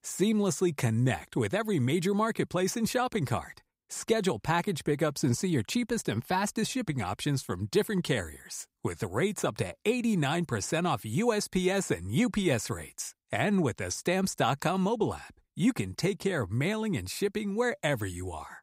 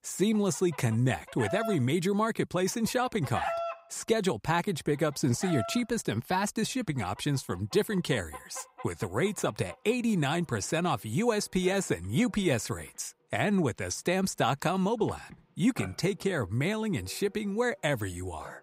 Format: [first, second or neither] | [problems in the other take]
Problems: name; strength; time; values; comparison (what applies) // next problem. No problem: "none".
first | animal sounds; noticeable; throughout; 10 dB below the speech